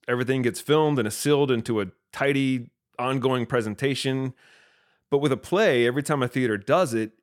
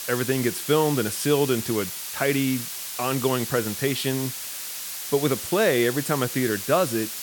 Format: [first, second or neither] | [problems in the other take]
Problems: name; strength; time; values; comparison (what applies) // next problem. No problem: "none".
first | hiss; loud; throughout; 6 dB below the speech